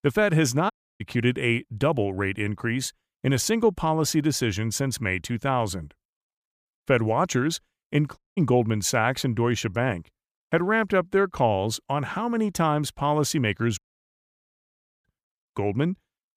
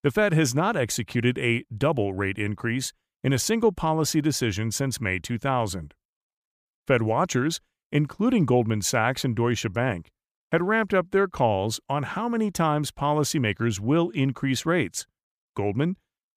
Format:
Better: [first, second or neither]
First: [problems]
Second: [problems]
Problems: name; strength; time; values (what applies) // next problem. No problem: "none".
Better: second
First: audio cutting out; at 0.5 s, at 8 s and at 14 s for 1.5 s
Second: none